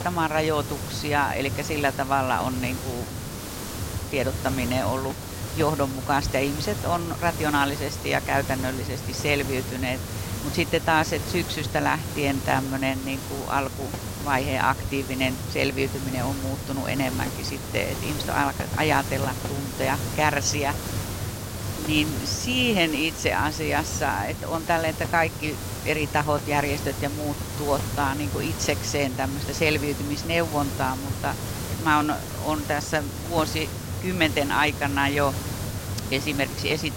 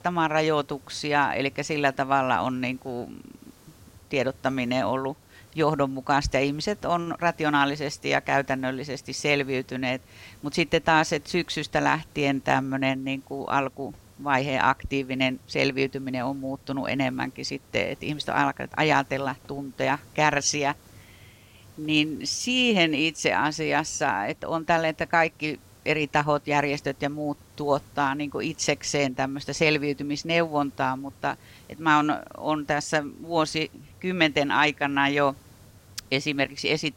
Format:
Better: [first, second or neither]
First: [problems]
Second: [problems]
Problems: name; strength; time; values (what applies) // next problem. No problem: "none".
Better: second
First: hiss; loud; throughout; 6 dB below the speech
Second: hiss; faint; throughout; 25 dB below the speech